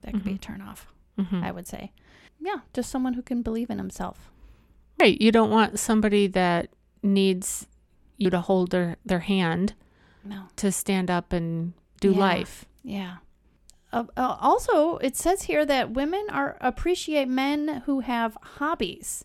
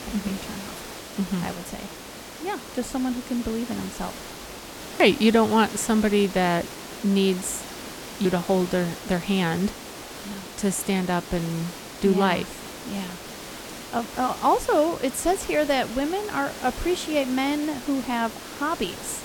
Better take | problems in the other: first | hiss; noticeable; throughout; 10 dB below the speech

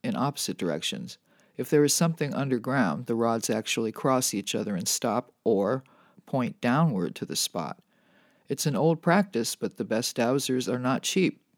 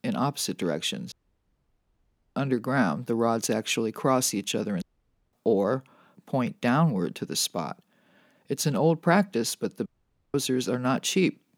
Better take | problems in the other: first | audio cutting out; at 1 s for 1 s, at 5 s for 0.5 s and at 10 s

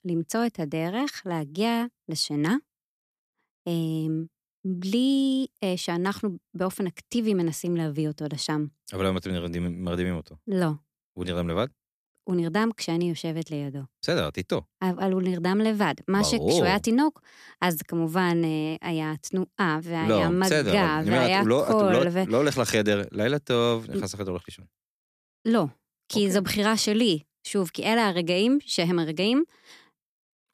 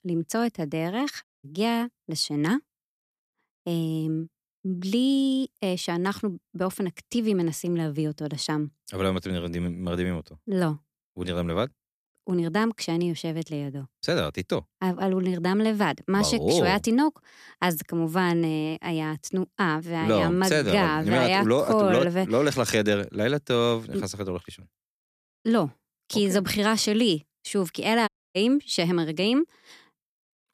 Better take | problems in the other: first | audio cutting out; at 1 s and at 28 s

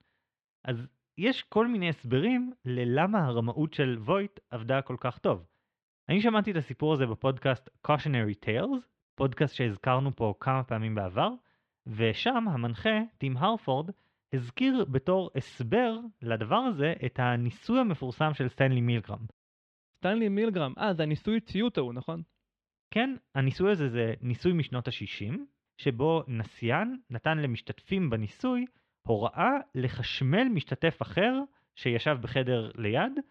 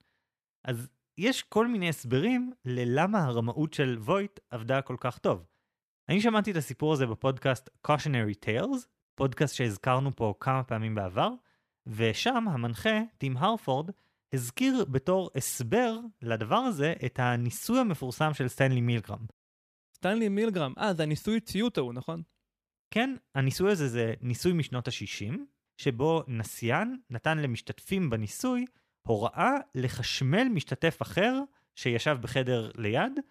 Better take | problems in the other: second | muffled; slightly; fading above 3.5 kHz

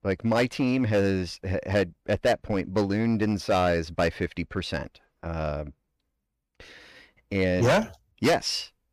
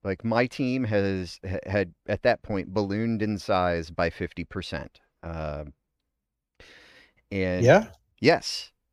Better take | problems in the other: second | distortion; heavy; 5% of the sound clipped

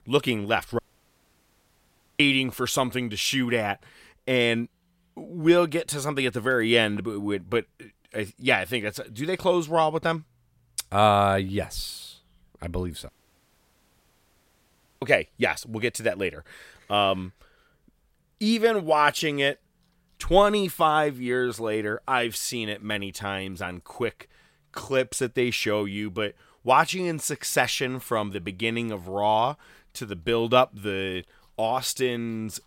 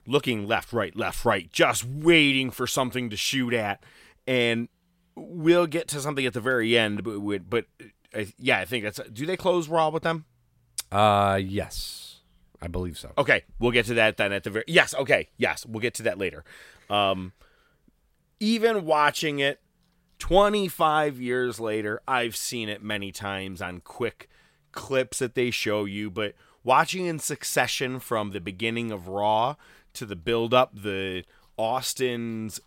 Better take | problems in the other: second | audio cutting out; at 1 s for 1.5 s and at 13 s for 2 s

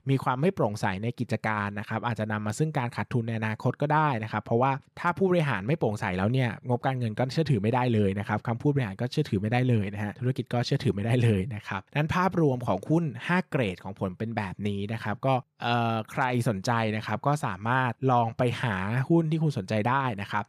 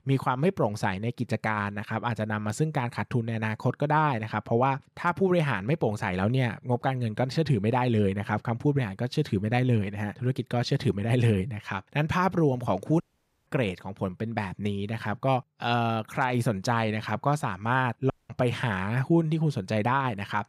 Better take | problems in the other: first | audio cutting out; at 13 s and at 18 s

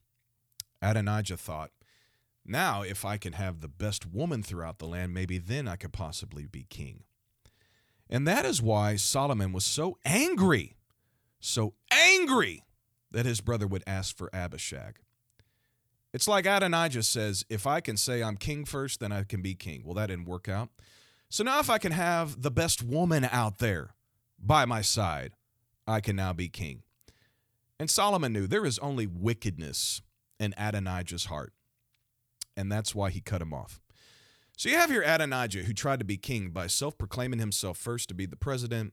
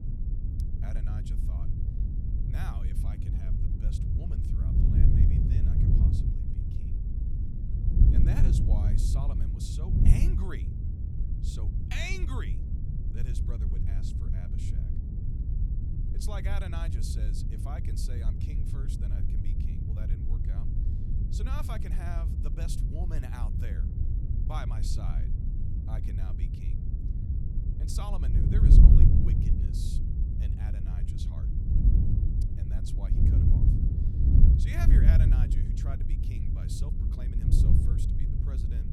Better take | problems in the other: first | wind noise on the microphone; heavy; 1 dB above the speech

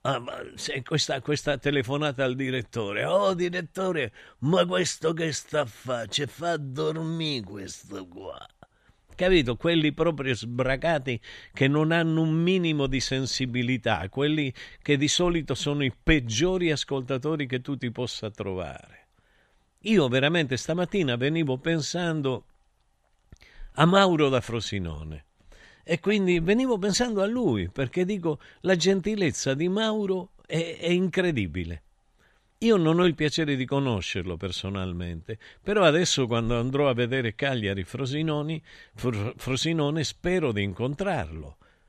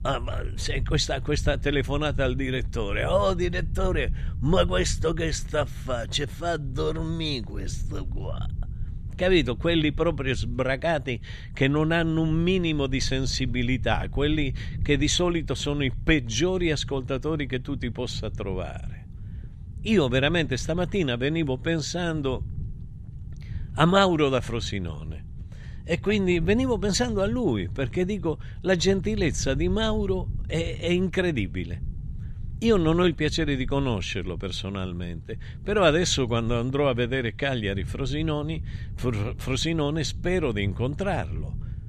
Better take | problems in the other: first | low rumble; faint; throughout; 25 dB below the speech

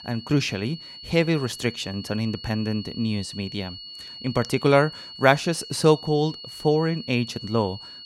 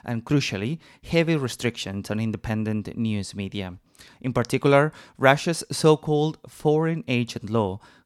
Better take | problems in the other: second | high-pitched whine; noticeable; throughout; 4.5 kHz, 15 dB below the speech

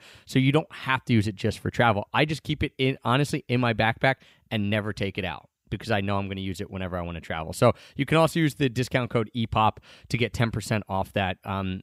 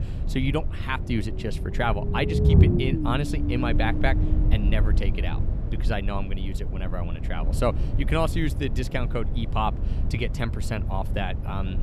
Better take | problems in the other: first | low rumble; loud; throughout; 7 dB below the speech

